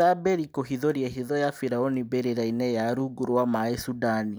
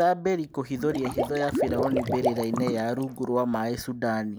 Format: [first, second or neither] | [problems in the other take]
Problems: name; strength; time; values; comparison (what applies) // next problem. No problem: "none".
first | background sound (Water / Liquid); 4 dB below the speech